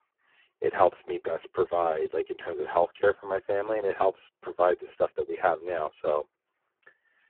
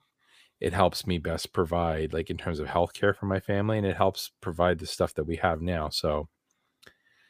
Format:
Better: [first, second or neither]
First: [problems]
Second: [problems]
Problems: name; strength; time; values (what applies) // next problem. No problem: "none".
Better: second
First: phone-call audio; poor line; nothing above 3.5 kHz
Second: none